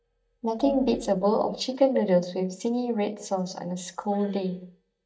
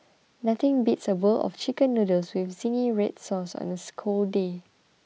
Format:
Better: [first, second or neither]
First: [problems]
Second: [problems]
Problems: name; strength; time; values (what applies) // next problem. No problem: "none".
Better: second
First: noise reduction (neural mask model DeepFilterNet 3)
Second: none